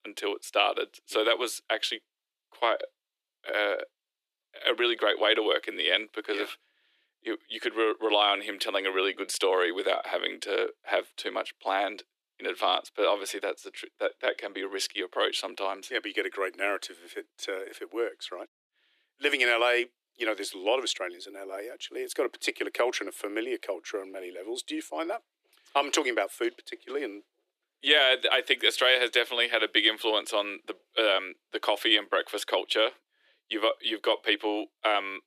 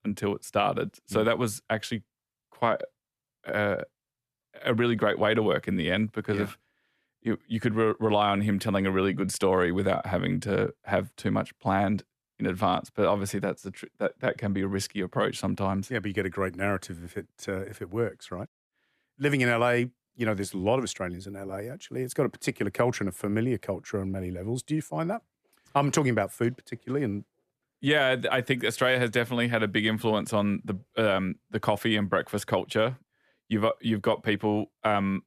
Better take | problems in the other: second | thin; very; fading below 300 Hz

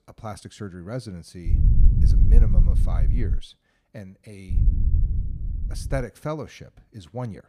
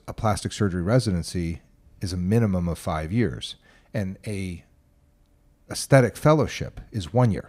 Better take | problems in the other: second | low rumble; loud; from 1.5 to 3.5 s and from 4.5 to 6 s; 4 dB below the speech

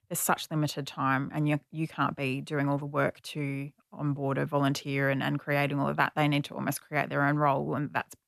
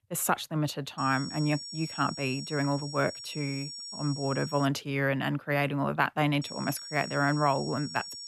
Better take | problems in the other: first | high-pitched whine; loud; from 1 to 4.5 s and from 6.5 s on; 5.5 kHz, 9 dB below the speech

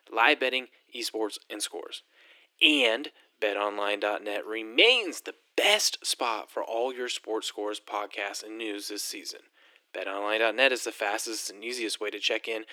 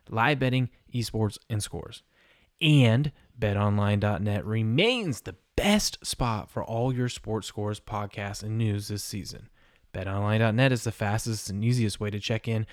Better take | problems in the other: second | thin; very; fading below 300 Hz

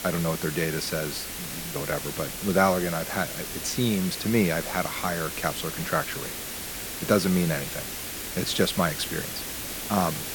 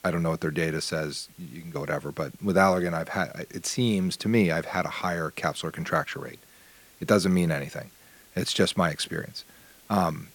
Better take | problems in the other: second | hiss; loud; throughout; 5 dB below the speech; faint in the second

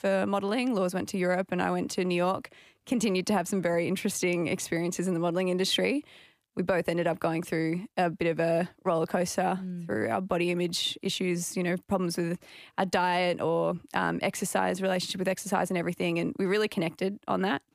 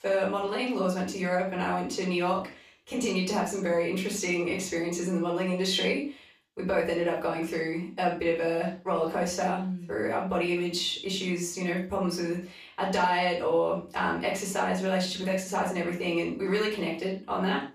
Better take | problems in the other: first | room echo; noticeable; dies away in 0.3 s // off-mic speech; far

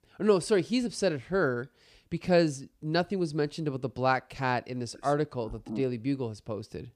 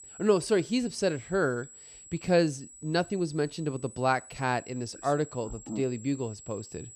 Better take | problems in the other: first | high-pitched whine; noticeable; throughout; 7.5 kHz, 15 dB below the speech

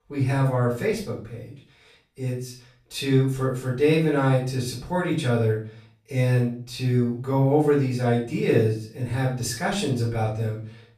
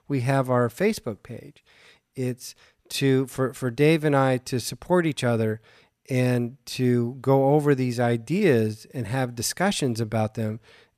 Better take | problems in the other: second | off-mic speech; far // room echo; noticeable; dies away in 0.4 s

